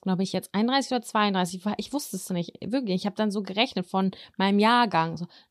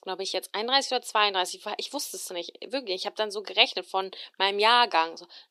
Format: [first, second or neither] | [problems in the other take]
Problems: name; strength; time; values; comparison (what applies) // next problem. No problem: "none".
first | thin; very; fading below 350 Hz